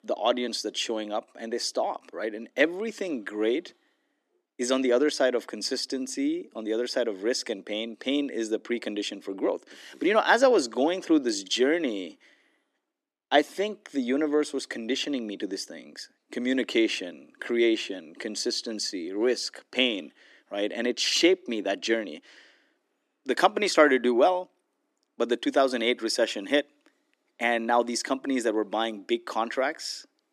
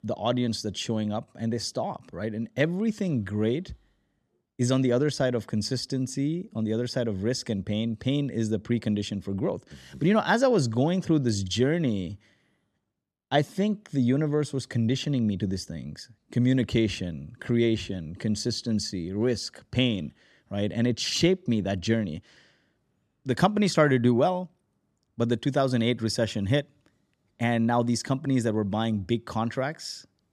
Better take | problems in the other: second | thin; somewhat; fading below 300 Hz

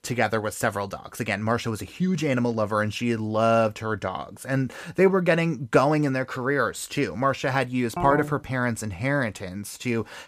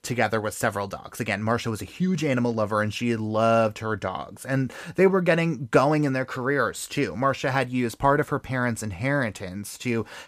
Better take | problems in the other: second | phone ringing; noticeable; at 8 s; peak 4 dB below the speech

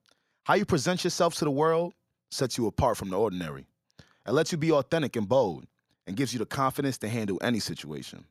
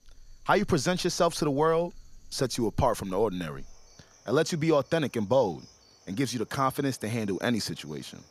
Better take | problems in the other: first | animal sounds; faint; throughout; 30 dB below the speech

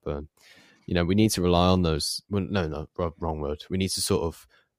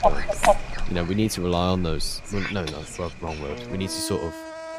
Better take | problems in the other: first | animal sounds; loud; throughout; 1 dB below the speech

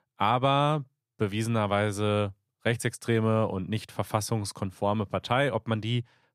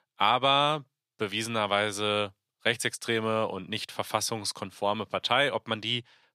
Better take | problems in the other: first | thin; somewhat; fading below 900 Hz

